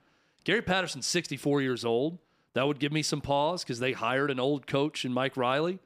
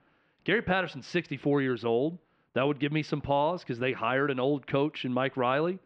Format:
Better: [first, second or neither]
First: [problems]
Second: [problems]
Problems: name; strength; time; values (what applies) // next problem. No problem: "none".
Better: first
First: none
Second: muffled; very; fading above 3 kHz